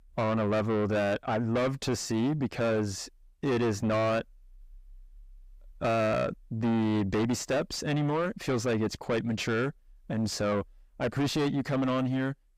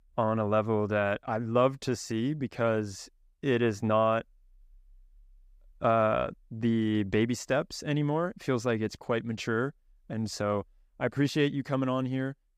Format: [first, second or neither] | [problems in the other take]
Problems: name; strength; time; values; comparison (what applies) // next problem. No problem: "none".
second | distortion; heavy; 5 dB below the speech